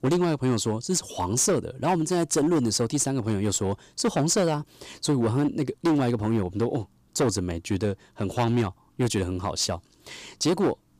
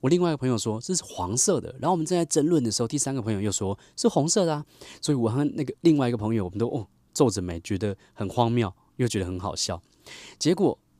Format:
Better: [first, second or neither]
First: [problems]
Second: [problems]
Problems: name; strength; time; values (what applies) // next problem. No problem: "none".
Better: second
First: distortion; slight; 9% of the sound clipped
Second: none